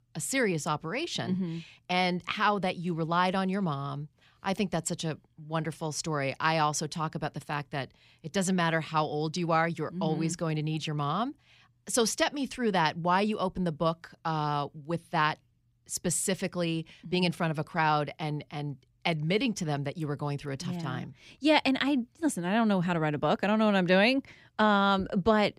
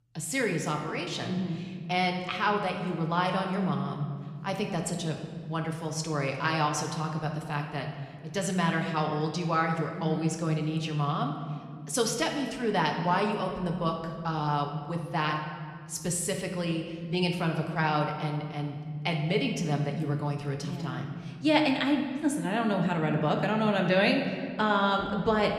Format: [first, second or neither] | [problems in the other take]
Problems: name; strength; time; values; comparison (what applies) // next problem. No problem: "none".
first | room echo; slight; dies away in 1.8 s